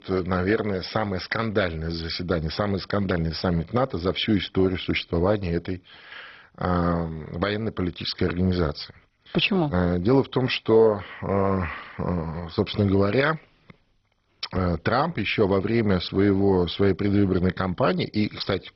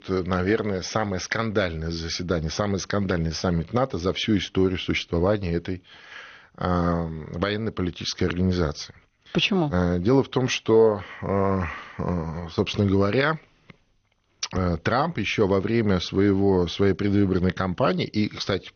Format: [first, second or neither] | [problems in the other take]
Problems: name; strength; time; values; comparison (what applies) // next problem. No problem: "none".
second | garbled, watery; badly; nothing above 5.5 kHz; slightly in the second